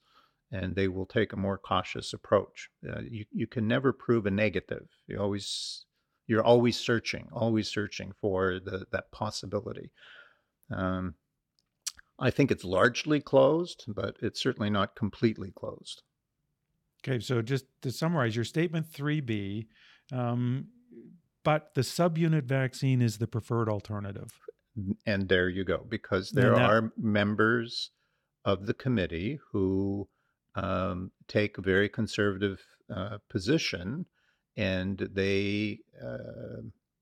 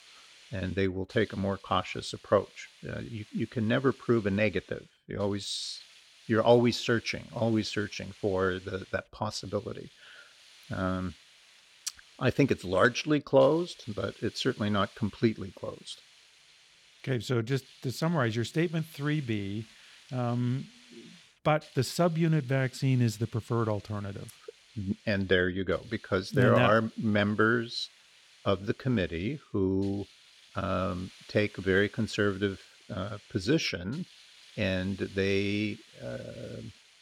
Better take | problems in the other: first | hiss; faint; throughout; 25 dB below the speech

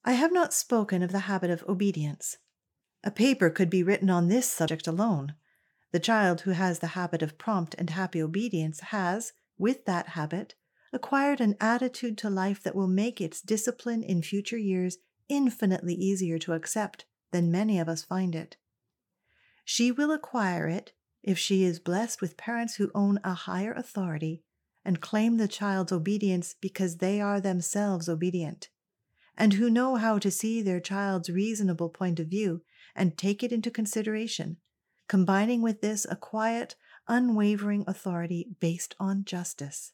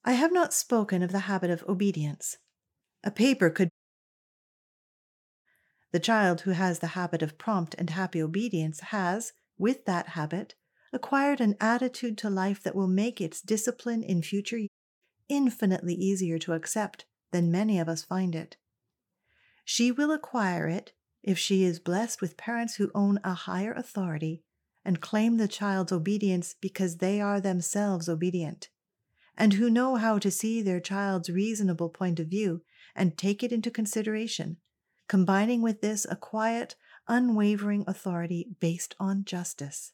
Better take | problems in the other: first | audio cutting out; at 3.5 s for 2 s and at 15 s

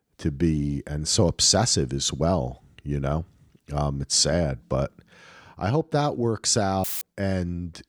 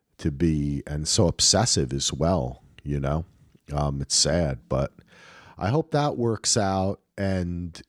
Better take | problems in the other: second | audio cutting out; filled with static; at 7 s

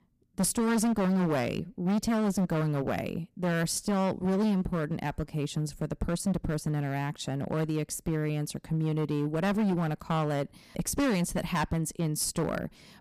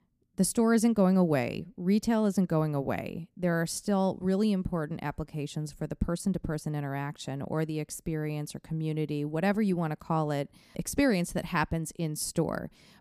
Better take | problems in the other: second | distortion; heavy; 15% of the sound clipped

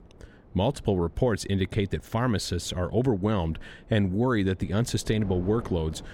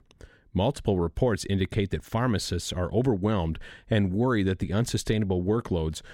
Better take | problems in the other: second | wind noise on the microphone; occasional gusts; 25 dB below the speech

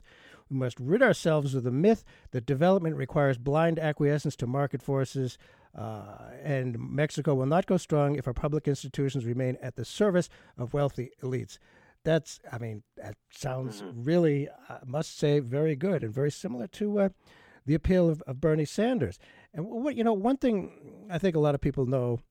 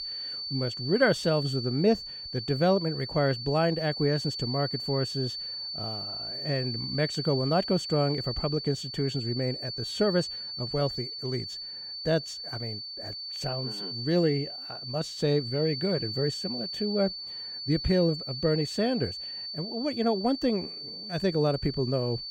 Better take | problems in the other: first | high-pitched whine; loud; throughout; 4.5 kHz, 5 dB below the speech

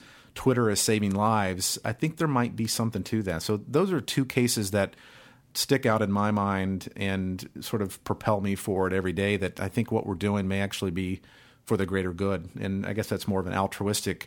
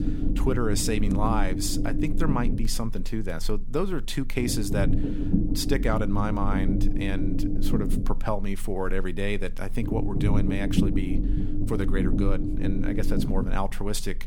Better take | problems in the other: first | low rumble; loud; throughout; 4 dB below the speech

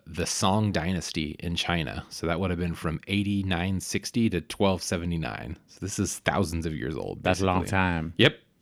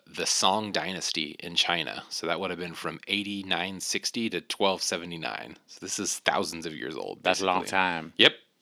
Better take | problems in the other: first | thin; somewhat; fading below 300 Hz

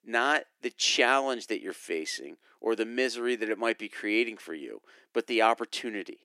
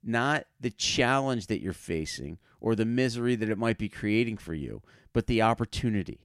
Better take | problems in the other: second | thin; somewhat; fading below 300 Hz

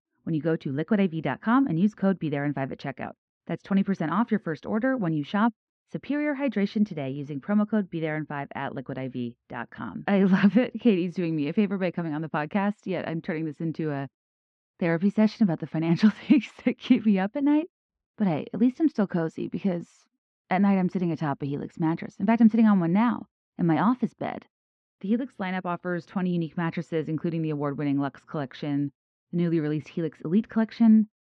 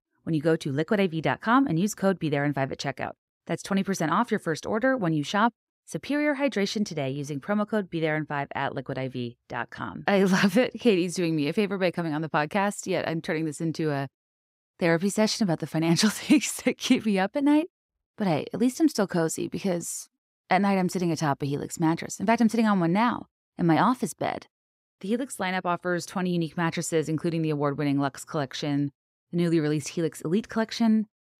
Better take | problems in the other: second | muffled; slightly; fading above 3 kHz

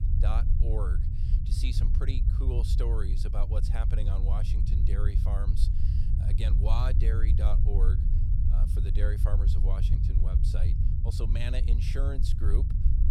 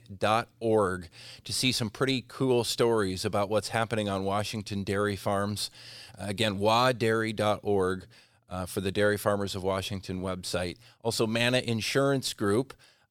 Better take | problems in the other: second | low rumble; loud; throughout; 3 dB below the speech

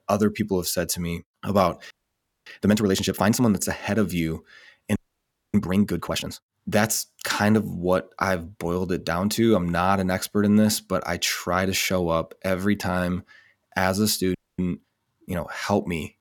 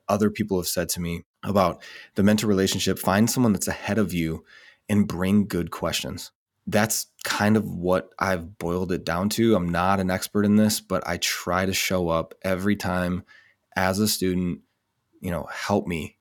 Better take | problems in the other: second | audio freezing; at 2 s for 0.5 s, at 5 s for 0.5 s and at 14 s

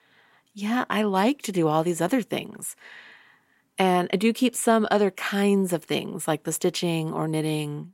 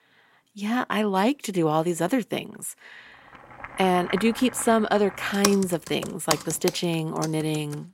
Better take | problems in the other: first | household noises; loud; from 3.5 s on; 8 dB below the speech

